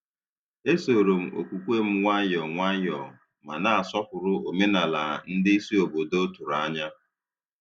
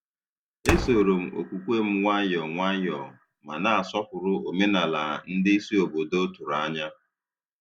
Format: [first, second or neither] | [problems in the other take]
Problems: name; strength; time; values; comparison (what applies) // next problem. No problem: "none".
first | background sound (Slam); 8 dB below the speech